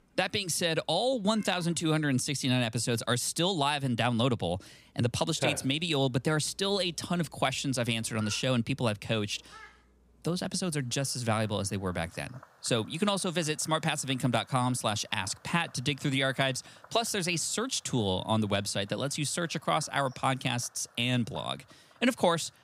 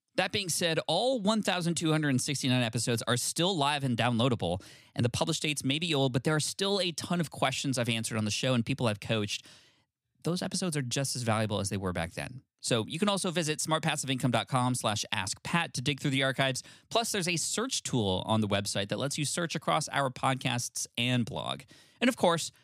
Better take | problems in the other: second | animal sounds; noticeable; throughout; 20 dB below the speech

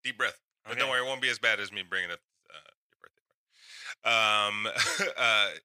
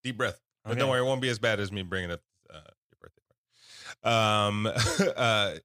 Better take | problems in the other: second | thin; somewhat; fading below 1 kHz

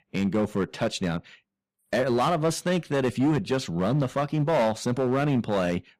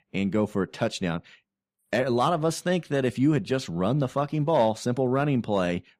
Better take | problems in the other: second | distortion; slight; 8% of the sound clipped

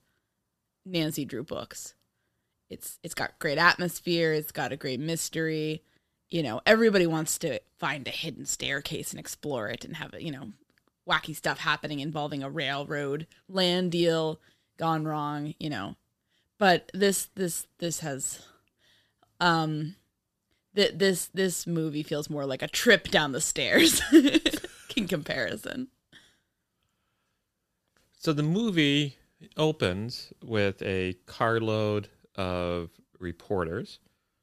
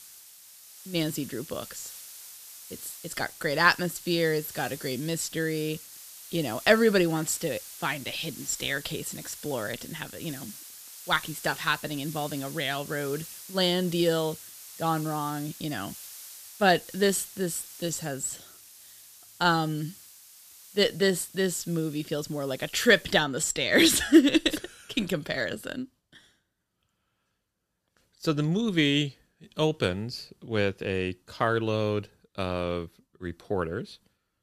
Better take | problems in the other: first | hiss; noticeable; until 23 s; 15 dB below the speech

